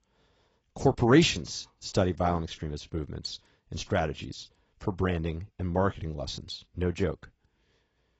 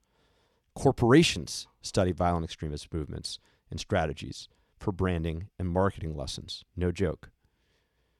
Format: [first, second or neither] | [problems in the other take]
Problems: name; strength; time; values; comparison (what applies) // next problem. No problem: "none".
second | garbled, watery; badly; nothing above 7.5 kHz